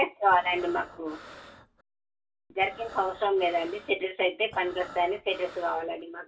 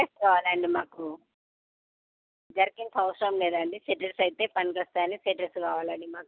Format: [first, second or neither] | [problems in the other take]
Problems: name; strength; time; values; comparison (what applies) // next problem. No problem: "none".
second | background sound (Breathing); 18 dB below the speech // room echo; dies away in 0.2 s